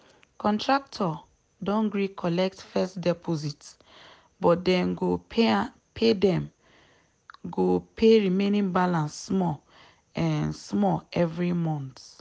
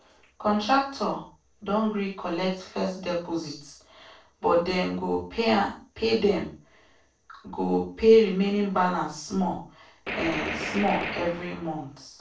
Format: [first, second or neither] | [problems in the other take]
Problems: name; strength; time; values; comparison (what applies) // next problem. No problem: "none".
first | noise reduction (neural separator model SepFormer DNS4)